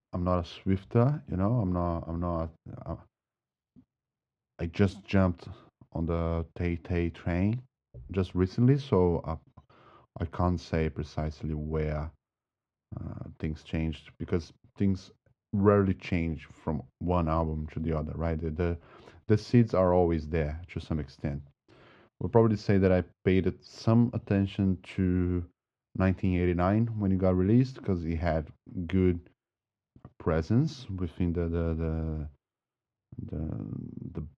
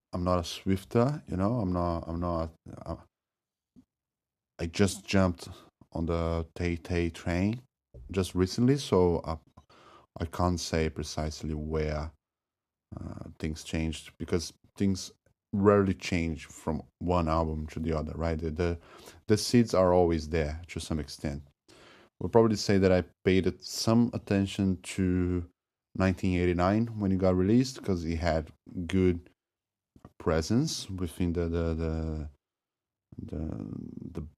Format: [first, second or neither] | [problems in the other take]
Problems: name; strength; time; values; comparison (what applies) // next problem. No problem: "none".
second | muffled; slightly; fading above 3 kHz